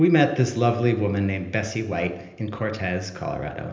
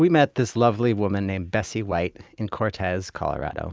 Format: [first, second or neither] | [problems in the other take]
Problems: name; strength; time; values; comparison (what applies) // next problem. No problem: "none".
second | room echo; dies away in 0.8 s